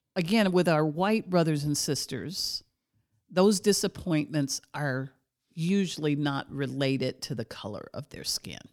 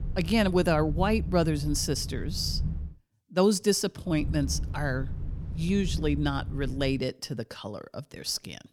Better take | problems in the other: first | low rumble; noticeable; until 3 s and from 4 to 7 s; 20 dB below the speech

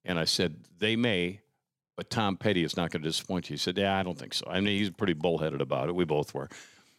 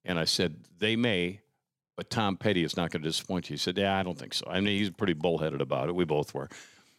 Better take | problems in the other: neither | none

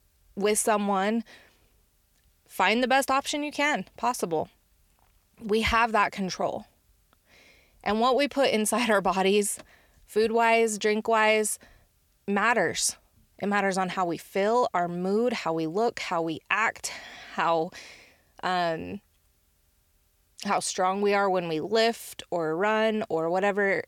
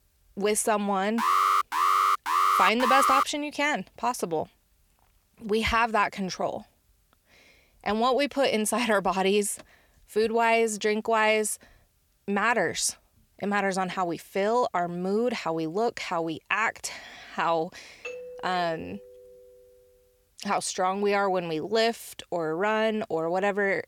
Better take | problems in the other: first | alarm; loud; from 1 to 3 s; peak 5 dB above the speech // doorbell; faint; from 18 to 20 s; peak 10 dB below the speech

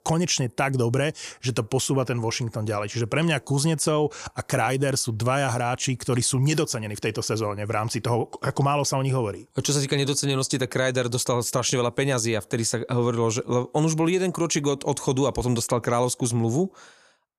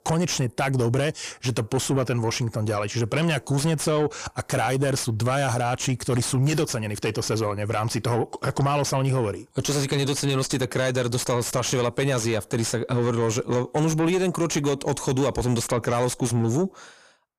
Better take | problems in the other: first | distortion; slight; 10 dB below the speech

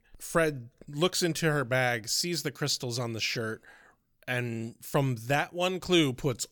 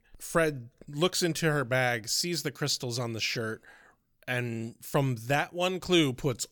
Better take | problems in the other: neither | none

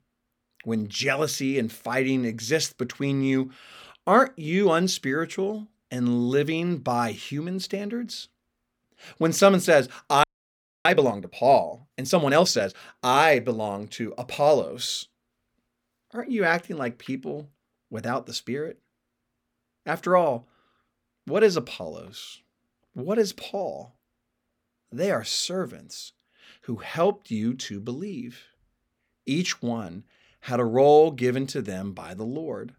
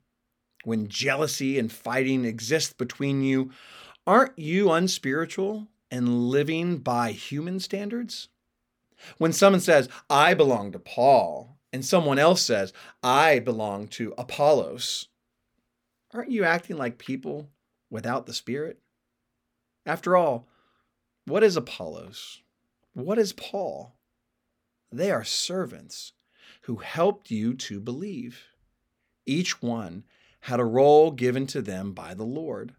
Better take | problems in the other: second | audio freezing; at 10 s for 0.5 s

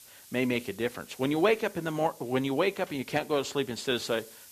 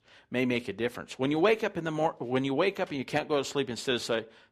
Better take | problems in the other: second | hiss; faint; throughout; 20 dB below the speech

